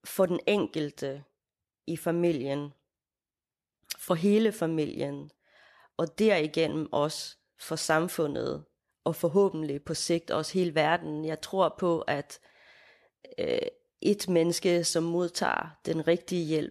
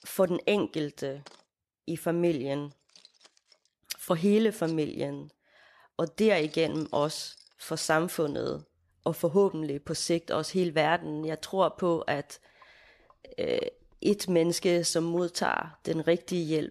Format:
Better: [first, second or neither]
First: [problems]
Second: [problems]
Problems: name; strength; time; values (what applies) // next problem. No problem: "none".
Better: first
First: none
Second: household noises; faint; throughout; 30 dB below the speech